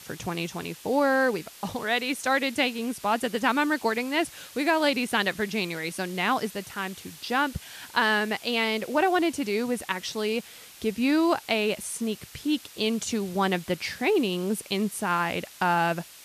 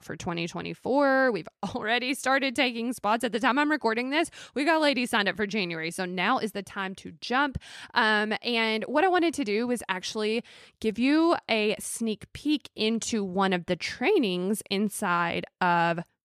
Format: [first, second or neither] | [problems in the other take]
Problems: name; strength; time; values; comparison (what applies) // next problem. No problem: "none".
second | hiss; noticeable; throughout; 20 dB below the speech